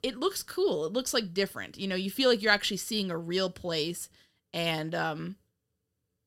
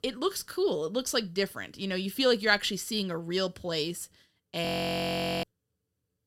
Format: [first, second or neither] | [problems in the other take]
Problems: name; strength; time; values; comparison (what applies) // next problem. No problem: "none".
first | audio freezing; at 4.5 s for 1 s